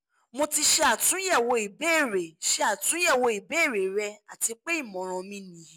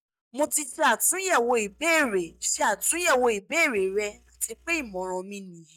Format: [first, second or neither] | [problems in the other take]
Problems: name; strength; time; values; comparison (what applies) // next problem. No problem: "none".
first | noise reduction (neural mask model DeepFilterNet 3)